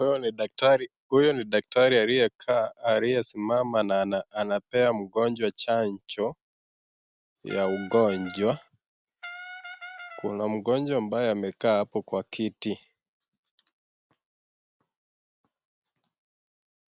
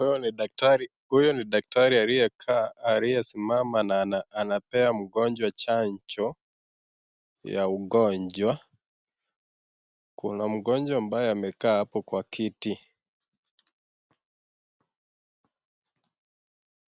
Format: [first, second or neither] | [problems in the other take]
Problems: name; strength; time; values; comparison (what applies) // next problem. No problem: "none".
second | background sound (Brass instrument); 14 dB below the speech